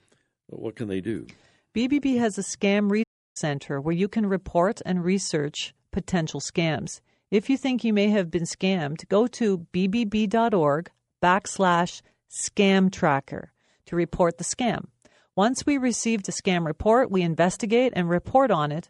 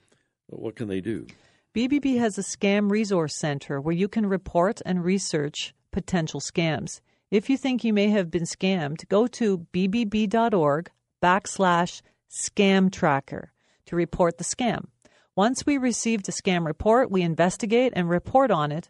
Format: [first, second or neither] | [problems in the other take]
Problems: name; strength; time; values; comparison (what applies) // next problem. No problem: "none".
second | audio cutting out; at 3 s